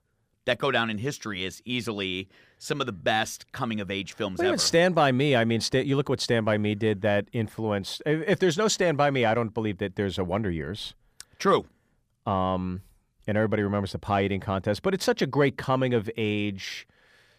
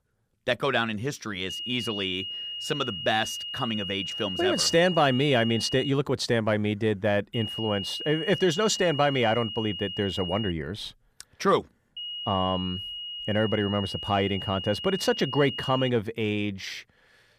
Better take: first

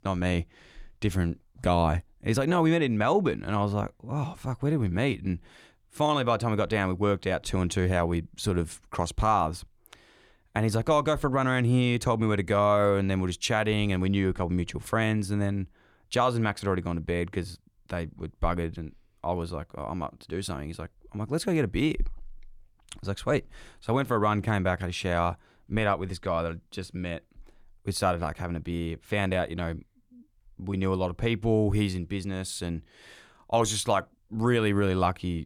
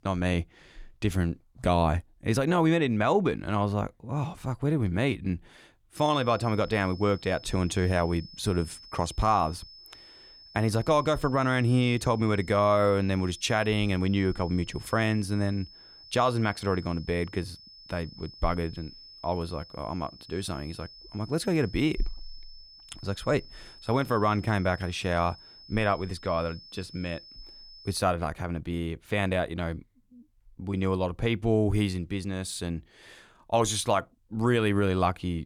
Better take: first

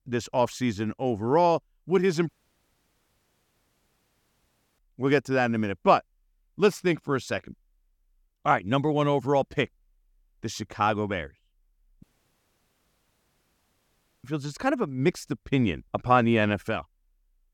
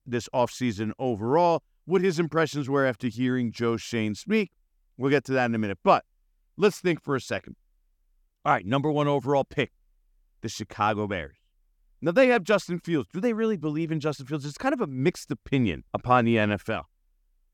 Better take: second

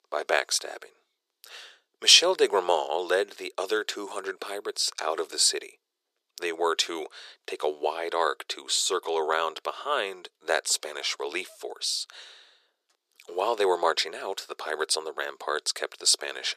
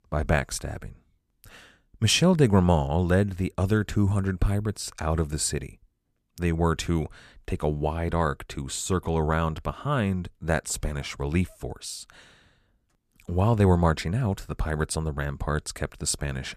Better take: second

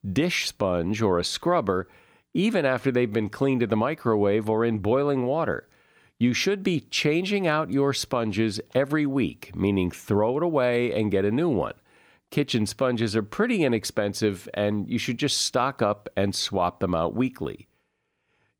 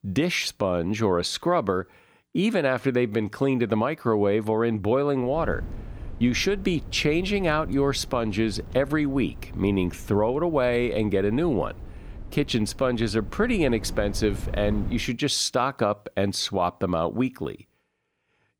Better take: first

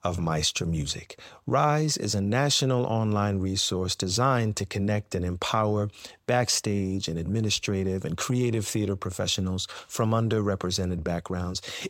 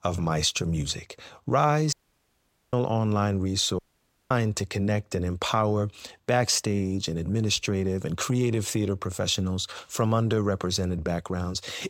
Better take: first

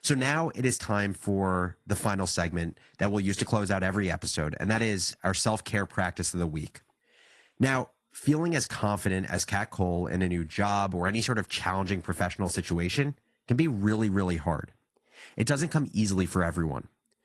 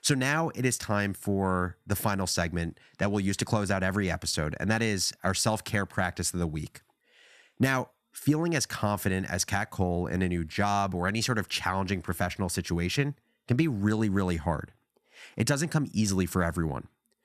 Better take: second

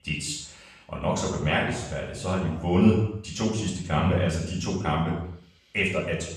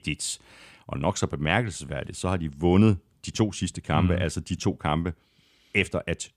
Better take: second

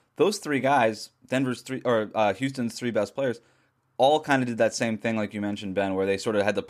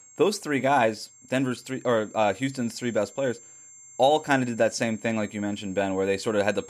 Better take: first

